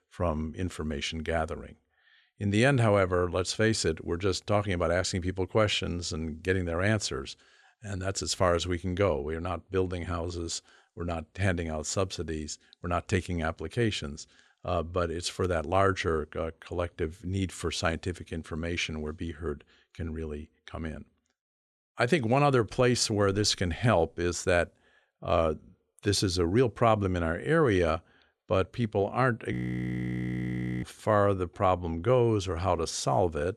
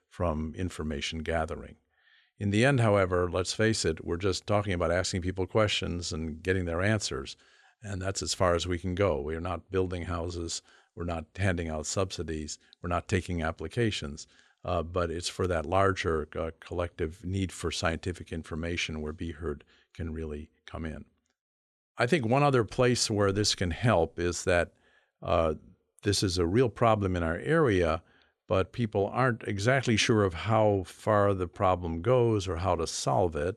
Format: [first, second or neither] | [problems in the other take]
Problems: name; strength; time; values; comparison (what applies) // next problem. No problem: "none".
second | audio freezing; at 30 s for 1.5 s